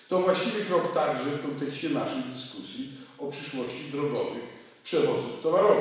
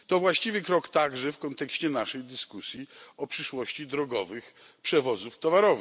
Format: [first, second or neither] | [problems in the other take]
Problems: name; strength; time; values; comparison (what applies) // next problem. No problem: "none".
second | room echo; dies away in 1.1 s